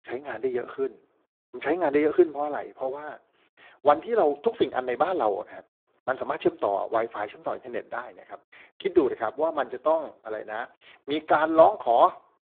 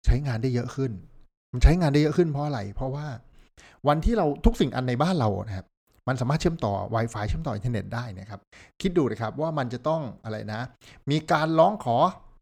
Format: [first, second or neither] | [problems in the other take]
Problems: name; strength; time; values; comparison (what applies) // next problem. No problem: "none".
second | phone-call audio; poor line; nothing above 3.5 kHz